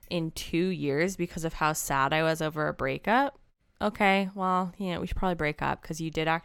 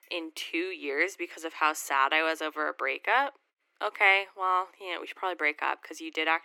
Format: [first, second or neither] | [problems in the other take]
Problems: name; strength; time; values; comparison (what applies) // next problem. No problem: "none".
first | thin; very; fading below 300 Hz